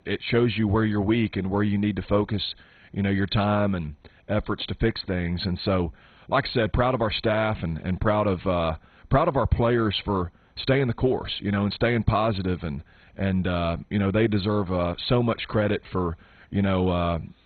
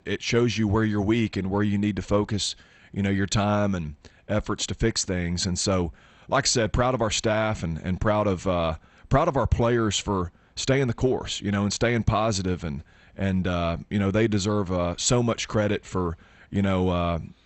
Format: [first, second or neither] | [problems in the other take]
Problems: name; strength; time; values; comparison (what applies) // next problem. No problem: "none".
second | garbled, watery; badly; nothing above 4 kHz; slightly in the second